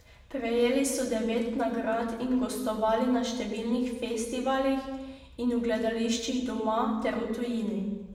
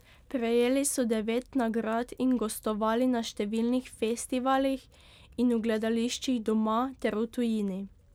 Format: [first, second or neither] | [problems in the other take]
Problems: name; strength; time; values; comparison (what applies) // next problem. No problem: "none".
second | room echo; dies away in 1.1 s